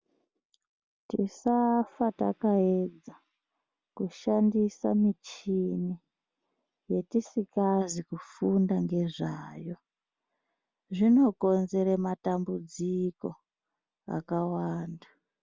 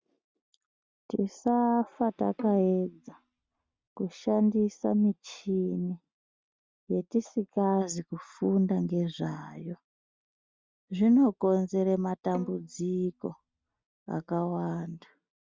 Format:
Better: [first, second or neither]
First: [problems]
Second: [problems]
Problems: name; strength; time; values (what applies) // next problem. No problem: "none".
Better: first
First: none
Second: noise reduction (neural mask model RNNoise)